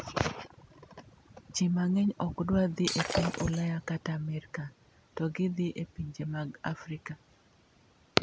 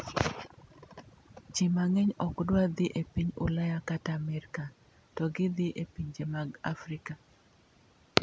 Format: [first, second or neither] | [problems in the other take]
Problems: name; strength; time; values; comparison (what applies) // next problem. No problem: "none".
second | background sound (Shatter); 4 dB below the speech